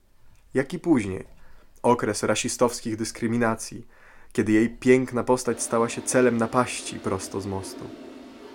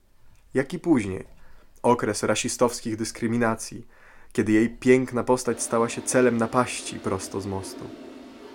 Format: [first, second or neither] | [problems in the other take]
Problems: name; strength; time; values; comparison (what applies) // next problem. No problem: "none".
neither | household noises; noticeable; throughout; 20 dB below the speech; the same in both